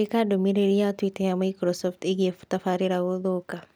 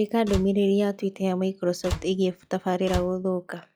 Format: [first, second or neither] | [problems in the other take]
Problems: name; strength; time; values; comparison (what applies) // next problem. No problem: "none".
first | noise reduction (classical method log-MMSE)